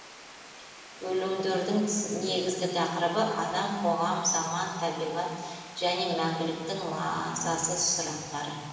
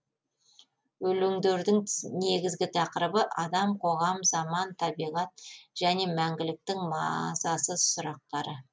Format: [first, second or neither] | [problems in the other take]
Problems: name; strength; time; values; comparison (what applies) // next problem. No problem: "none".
second | background sound (Water); 17 dB below the speech // room echo; dies away in 1.6 s